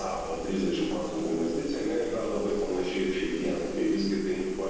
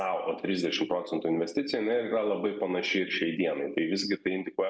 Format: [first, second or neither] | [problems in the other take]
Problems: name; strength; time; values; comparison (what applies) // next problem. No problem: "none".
second | background sound (Rain); 13 dB below the speech // room echo; dies away in 1.3 s